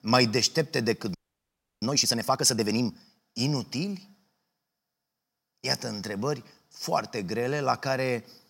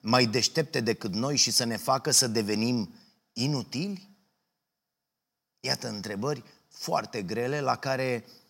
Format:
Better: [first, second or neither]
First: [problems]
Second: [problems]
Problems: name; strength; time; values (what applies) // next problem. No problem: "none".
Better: second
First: audio freezing; at 1 s for 0.5 s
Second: none